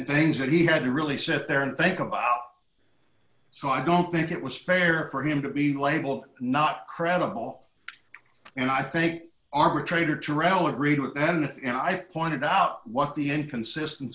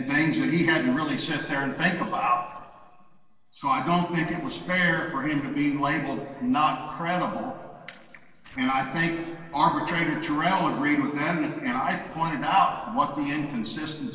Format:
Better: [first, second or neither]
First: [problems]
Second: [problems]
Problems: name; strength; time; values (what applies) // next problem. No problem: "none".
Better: first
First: none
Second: noise reduction (neural separator model SepFormer DNS4)